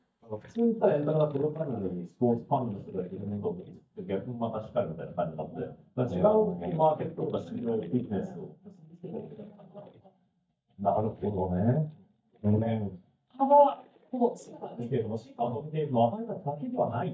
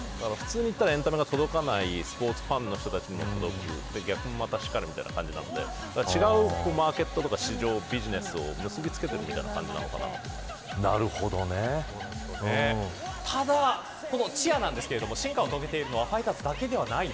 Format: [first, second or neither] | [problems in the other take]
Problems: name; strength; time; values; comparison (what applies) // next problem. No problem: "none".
second | noise reduction (neural mask model DeepFilterNet 3)